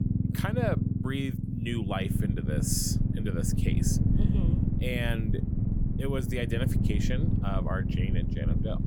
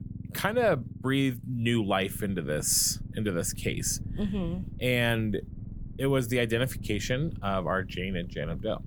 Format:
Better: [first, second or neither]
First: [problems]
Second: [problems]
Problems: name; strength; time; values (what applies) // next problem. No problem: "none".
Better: second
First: low rumble; loud; throughout; 3 dB below the speech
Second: low rumble; faint; throughout; 20 dB below the speech